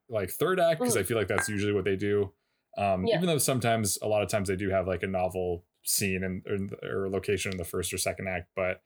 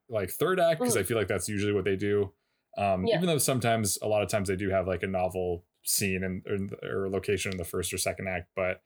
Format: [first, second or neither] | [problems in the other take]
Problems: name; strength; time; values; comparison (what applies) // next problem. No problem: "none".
second | clattering dishes; noticeable; at 1.5 s; peak 5 dB below the speech